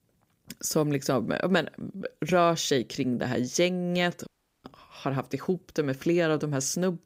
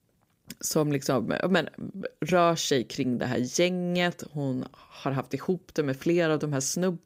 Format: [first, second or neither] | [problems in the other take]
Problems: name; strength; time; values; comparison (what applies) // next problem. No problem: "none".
second | audio cutting out; at 4.5 s